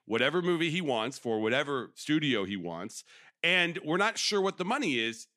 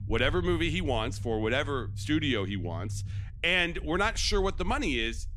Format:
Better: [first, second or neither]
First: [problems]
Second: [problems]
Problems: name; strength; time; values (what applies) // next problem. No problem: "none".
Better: first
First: none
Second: low rumble; faint; throughout; 25 dB below the speech